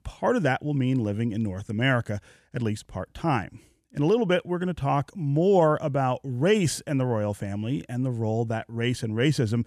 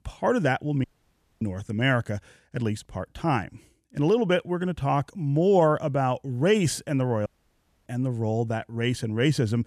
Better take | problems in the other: first | audio cutting out; at 1 s for 0.5 s and at 7.5 s for 0.5 s

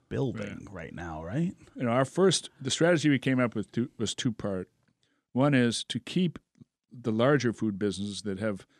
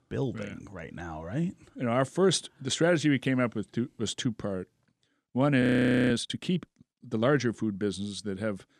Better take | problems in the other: first | audio freezing; at 5.5 s

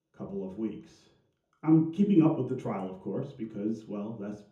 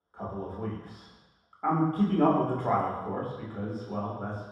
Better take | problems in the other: first | room echo; strong; dies away in 1.2 s; slight in the first // off-mic speech; far; far in the first

